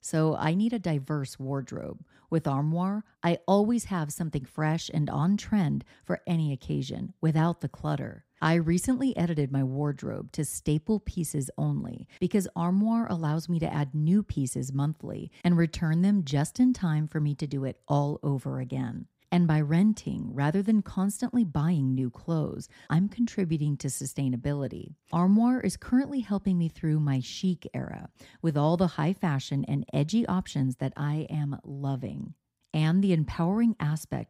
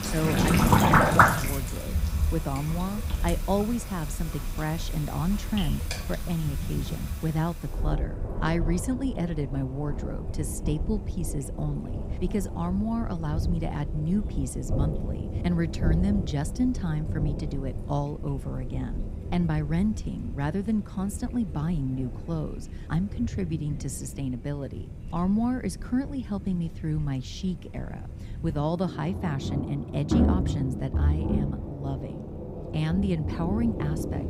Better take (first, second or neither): first